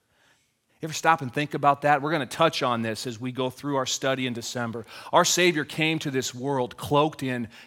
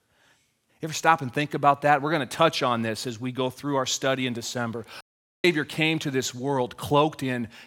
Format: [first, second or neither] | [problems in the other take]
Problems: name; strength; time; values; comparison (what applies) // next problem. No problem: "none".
first | audio cutting out; at 5 s